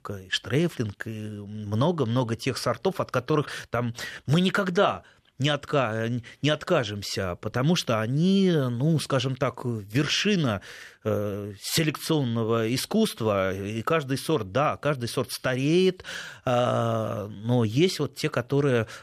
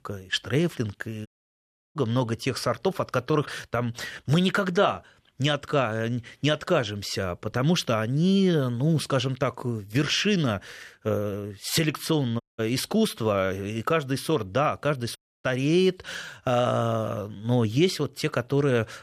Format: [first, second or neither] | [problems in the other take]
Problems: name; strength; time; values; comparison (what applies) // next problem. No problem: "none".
first | audio cutting out; at 1.5 s for 0.5 s, at 12 s and at 15 s